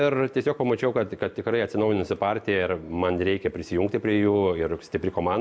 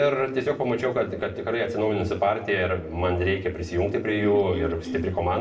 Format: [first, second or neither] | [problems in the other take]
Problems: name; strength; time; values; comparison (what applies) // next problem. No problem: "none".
first | background sound (Cough); 10 dB below the speech // room echo; dies away in 0.6 s